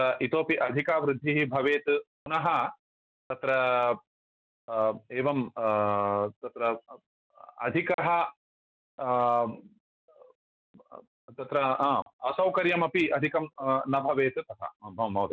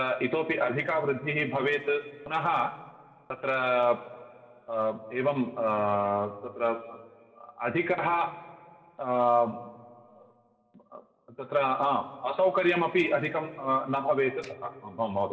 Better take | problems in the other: first | noise reduction (neural separator model SepFormer DNS4)

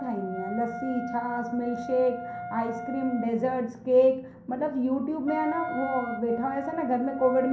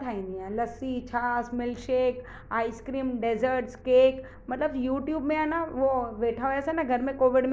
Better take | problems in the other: second | background sound (Wind instrument, woodwind instrument); 10 dB below the speech // room echo; dies away in 0.6 s

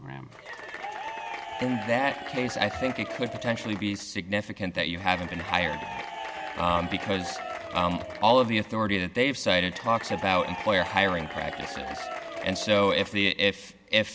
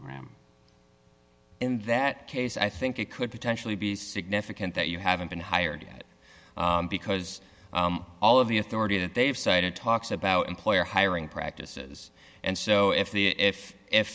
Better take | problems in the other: second | background sound (Applause / Crowd / Cheering); 9 dB below the speech

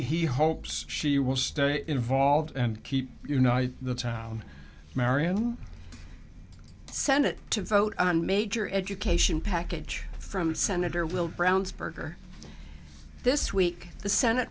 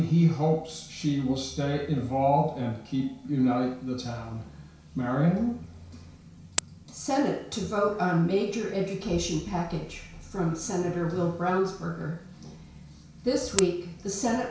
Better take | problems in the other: first | background sound (Camera); 17 dB below the speech // room echo; dies away in 0.6 s

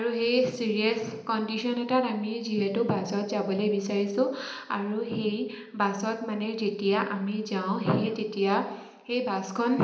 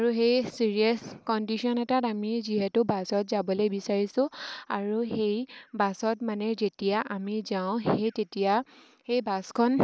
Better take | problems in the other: second | room echo; dies away in 0.8 s

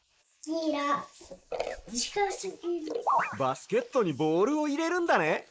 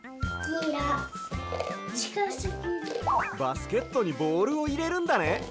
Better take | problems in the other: second | noise reduction (neural mask model Resemble Enhance denoiser)

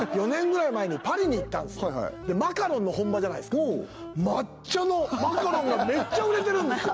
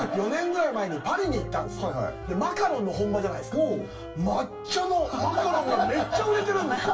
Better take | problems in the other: first | background sound (Wind instrument, woodwind instrument); 16 dB below the speech // room echo; dies away in 0.2 s

